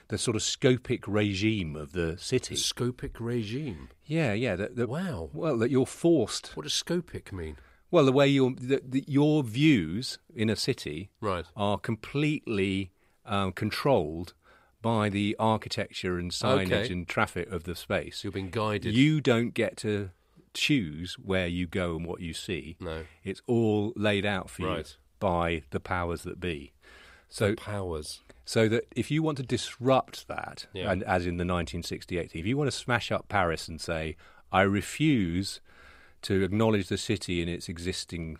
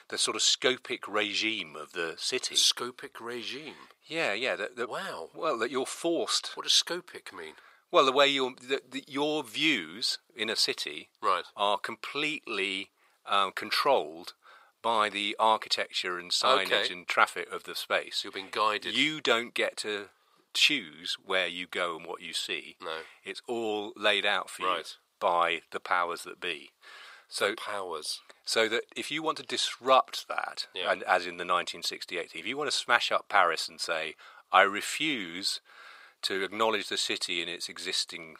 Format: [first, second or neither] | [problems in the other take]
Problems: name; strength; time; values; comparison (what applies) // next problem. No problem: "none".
first | thin; very; fading below 600 Hz